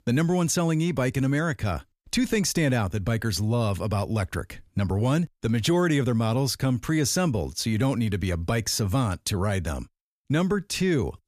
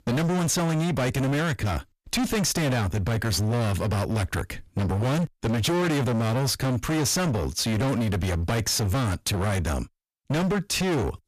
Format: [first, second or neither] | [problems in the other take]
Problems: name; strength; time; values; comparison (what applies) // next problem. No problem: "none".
first | distortion; heavy; 38% of the sound clipped